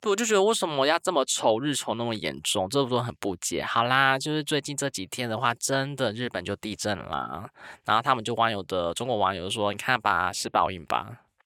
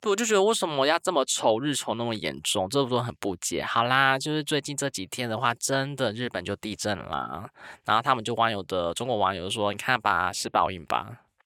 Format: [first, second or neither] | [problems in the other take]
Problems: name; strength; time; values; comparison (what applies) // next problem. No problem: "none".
neither | thin; somewhat; fading below 600 Hz; the same in both